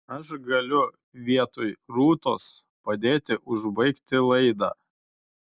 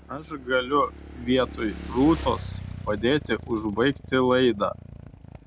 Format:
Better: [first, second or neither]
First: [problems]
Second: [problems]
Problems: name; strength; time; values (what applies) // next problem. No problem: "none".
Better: first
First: none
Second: background sound (Motorcycle / Engine); 13 dB below the speech